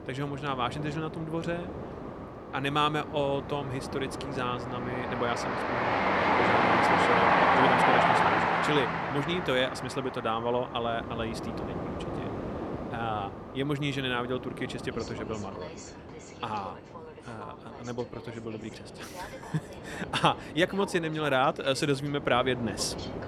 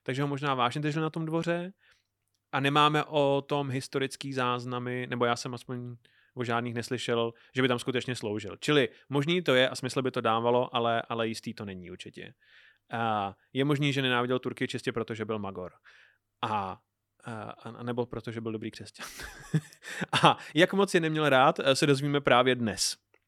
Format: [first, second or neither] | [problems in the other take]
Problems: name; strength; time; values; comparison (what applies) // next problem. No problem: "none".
second | train or aircraft noise; very loud; throughout; 2 dB above the speech